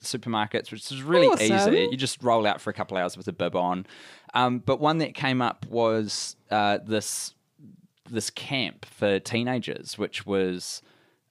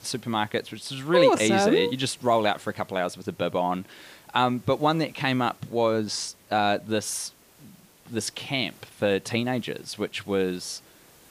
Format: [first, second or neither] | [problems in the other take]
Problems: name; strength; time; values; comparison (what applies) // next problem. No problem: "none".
first | hiss; faint; throughout; 25 dB below the speech